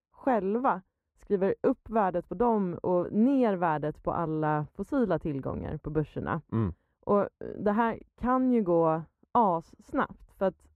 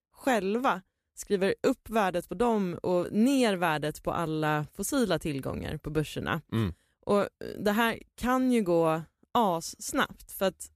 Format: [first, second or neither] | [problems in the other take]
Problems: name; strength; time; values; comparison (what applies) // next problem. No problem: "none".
second | muffled; very; fading above 2.5 kHz